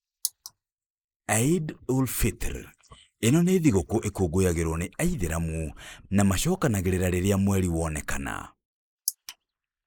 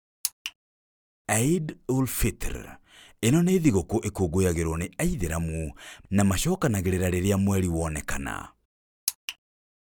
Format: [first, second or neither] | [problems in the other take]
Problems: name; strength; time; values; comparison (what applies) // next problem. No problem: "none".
second | noise reduction (neural mask model Resemble Enhance denoiser)